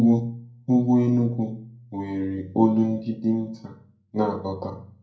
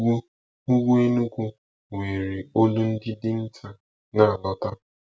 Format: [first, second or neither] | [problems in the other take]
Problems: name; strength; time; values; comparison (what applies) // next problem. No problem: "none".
second | room echo; dies away in 0.6 s